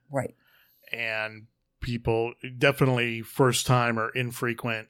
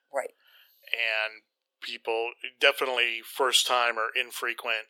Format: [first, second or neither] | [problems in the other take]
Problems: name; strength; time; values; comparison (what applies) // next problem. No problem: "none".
first | thin; very; fading below 450 Hz